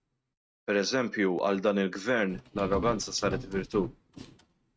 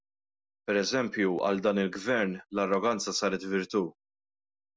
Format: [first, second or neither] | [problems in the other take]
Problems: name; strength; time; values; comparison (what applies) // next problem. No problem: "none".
second | noise reduction (neural mask model RNNoise)